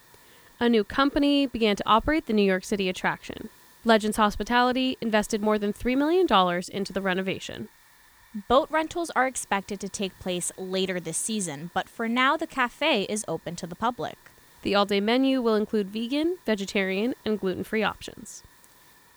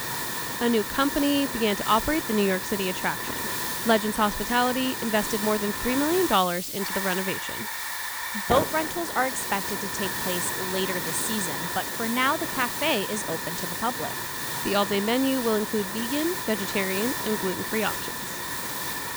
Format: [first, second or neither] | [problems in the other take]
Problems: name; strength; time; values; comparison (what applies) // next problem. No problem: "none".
first | hiss; loud; throughout; 2 dB below the speech; faint in the first